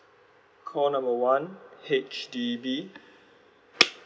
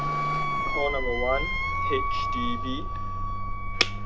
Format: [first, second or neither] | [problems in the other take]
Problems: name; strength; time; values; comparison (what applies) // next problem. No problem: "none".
first | background sound (Wind instrument, woodwind instrument + Car passing by / Accelerating, revving, vroom); 5 dB above the speech